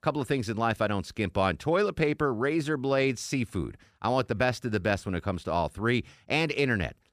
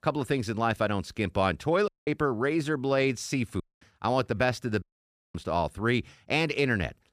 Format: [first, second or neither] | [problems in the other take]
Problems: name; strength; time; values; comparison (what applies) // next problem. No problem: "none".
first | audio cutting out; at 2 s, at 3.5 s and at 5 s for 0.5 s